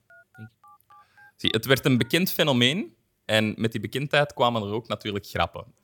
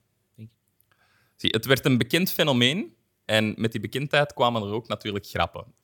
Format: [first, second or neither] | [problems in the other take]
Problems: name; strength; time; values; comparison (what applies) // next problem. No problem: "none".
second | alarms or sirens; faint; throughout; 30 dB below the speech